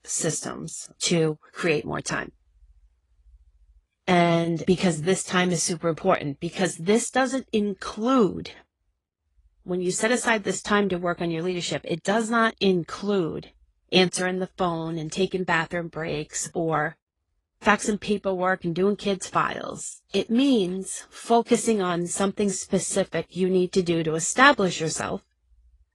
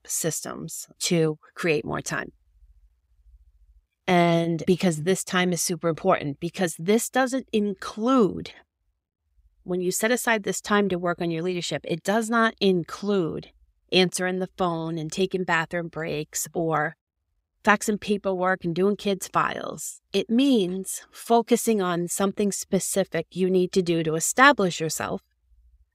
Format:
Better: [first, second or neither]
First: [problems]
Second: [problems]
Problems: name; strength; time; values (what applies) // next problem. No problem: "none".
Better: second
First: garbled, watery; slightly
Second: none